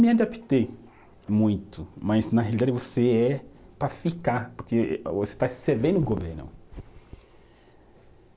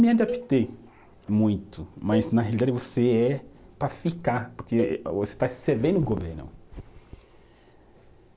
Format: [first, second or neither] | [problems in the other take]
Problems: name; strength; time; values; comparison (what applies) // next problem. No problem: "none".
first | background sound (Cowbell); 13 dB below the speech